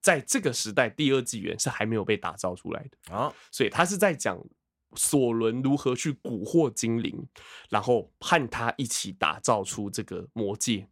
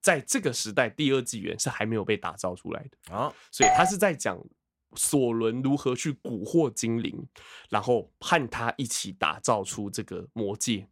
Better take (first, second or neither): first